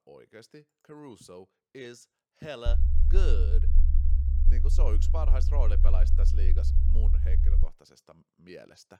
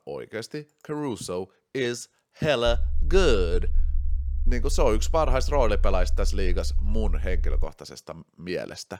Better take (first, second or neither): second